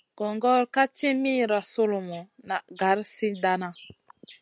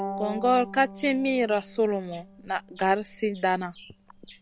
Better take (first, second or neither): first